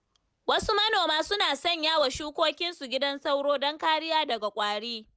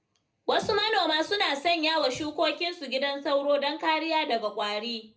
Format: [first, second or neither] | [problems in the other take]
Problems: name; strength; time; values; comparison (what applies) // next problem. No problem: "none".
first | room echo; dies away in 0.3 s